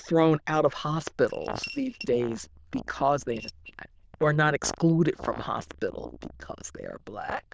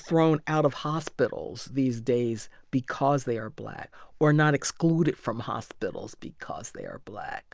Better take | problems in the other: second | noise reduction (neural diffusion model UNIVERSE++)

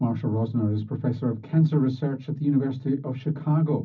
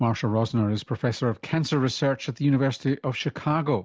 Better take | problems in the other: second | room echo; dies away in 0.4 s

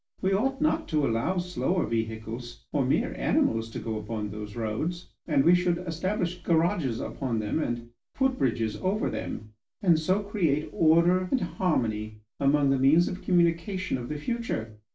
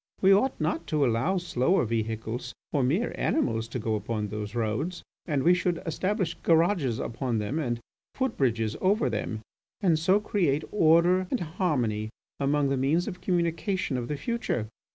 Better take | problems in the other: second | room echo; dies away in 0.3 s

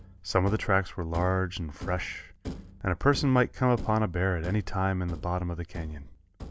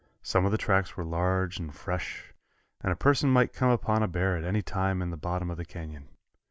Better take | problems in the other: second | background sound (Thump, thud); 15 dB below the speech

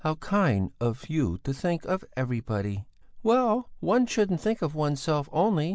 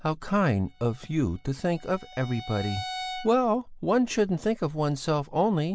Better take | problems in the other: first | background sound (Bowed string instrument); 14 dB below the speech

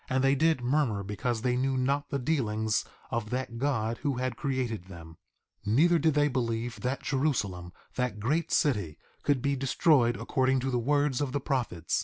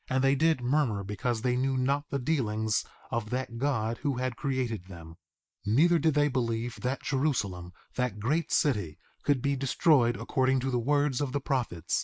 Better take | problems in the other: first | noise reduction (neural mask model Resemble Enhance denoiser)

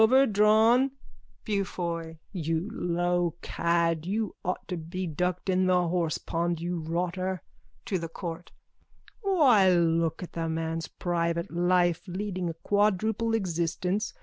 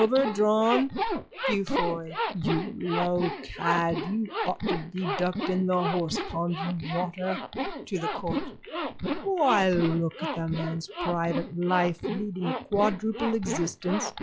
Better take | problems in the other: first | noise reduction (classical method log-MMSE)

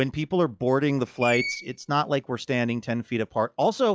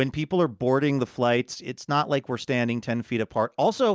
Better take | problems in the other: second | noise reduction (classical method log-MMSE)

